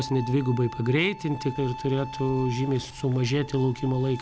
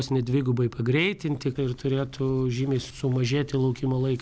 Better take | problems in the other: second | background sound (Bowed string instrument); 14 dB below the speech

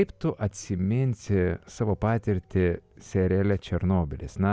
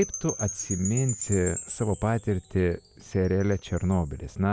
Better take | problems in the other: first | background sound (Wind chime / Percussion); 11 dB below the speech

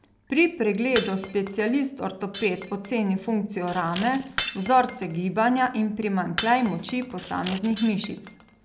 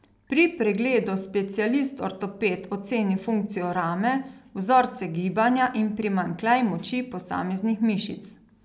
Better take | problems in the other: second | background sound (Shatter + Scissors); 14 dB below the speech

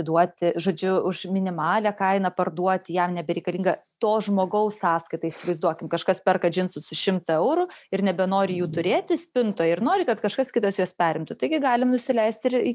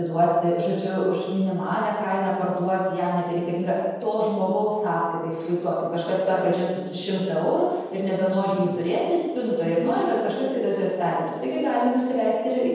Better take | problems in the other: first | room echo; dies away in 1.2 s

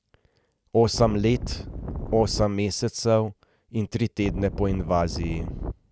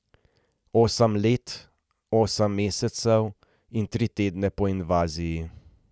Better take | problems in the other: second | background sound (Wind); 6 dB below the speech

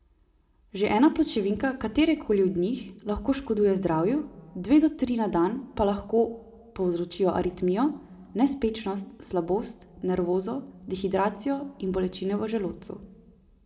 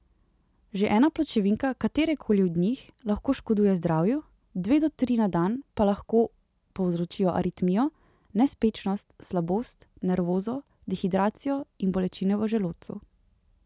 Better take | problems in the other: second | room echo; dies away in 1.5 s

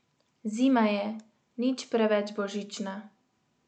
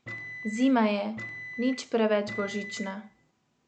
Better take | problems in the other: first | background sound (Microwave oven); 12 dB below the speech

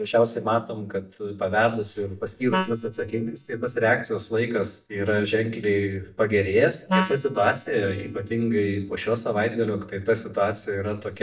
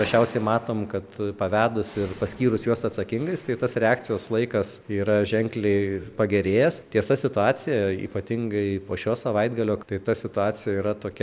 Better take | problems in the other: second | noise reduction (neural mask model DeepFilterNet 3)

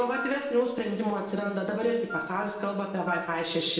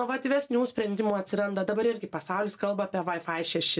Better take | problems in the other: second | background sound (Wind instrument, woodwind instrument); 10 dB below the speech // room echo; dies away in 0.9 s

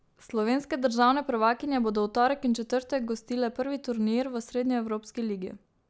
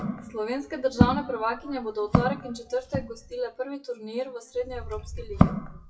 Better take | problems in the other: first | noise reduction (classical method WPE with log-MMSE)

